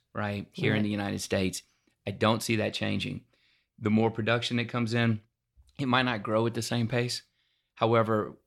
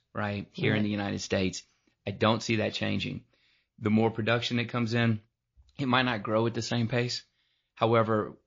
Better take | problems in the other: first | garbled, watery; slightly

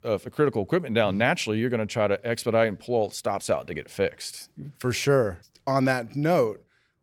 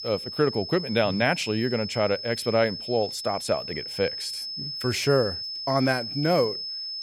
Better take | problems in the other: first | high-pitched whine; loud; throughout; 5 kHz, 6 dB below the speech

